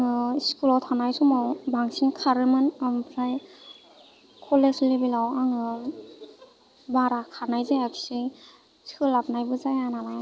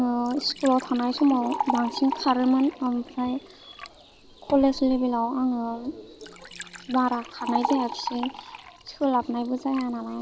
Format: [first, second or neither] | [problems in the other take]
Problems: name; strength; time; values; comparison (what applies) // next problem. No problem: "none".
first | background sound (Liquid); 11 dB below the speech